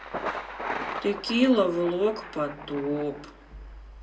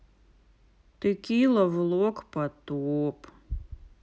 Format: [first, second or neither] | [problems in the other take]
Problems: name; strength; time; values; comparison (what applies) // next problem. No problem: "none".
second | background sound (Thunder); 9 dB below the speech // room echo; dies away in 0.2 s